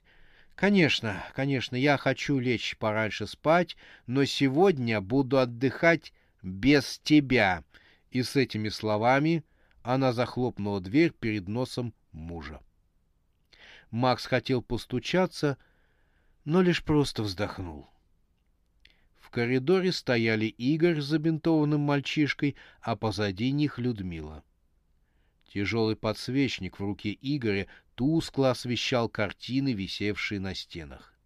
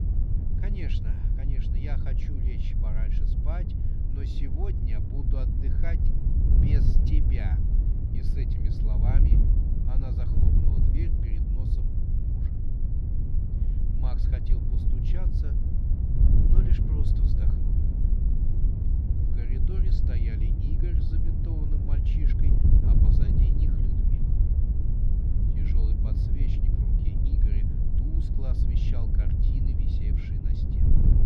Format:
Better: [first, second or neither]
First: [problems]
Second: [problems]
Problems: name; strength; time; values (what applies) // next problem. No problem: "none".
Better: first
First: none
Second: wind noise on the microphone; heavy; 5 dB above the speech